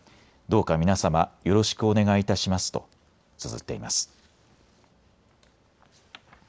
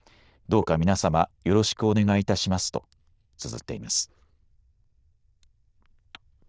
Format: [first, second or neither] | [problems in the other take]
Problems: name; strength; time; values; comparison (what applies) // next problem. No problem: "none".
first | noise reduction (neural diffusion model UNIVERSE++)